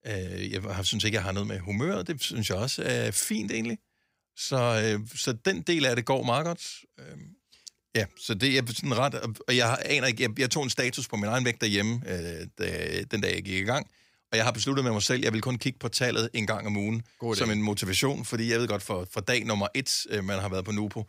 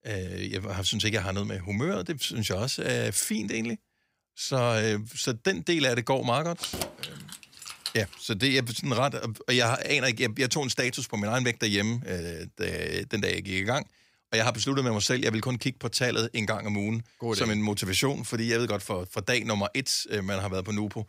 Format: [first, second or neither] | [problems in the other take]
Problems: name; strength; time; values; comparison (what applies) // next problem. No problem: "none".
first | jangling keys; noticeable; from 6.5 to 8 s; peak 6 dB below the speech